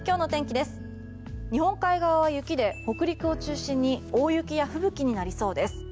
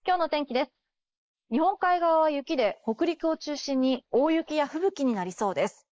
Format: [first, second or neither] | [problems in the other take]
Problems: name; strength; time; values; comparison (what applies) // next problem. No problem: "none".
first | noise reduction (neural mask model Resemble Enhance denoiser)